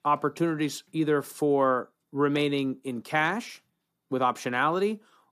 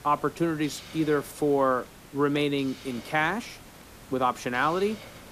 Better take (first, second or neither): first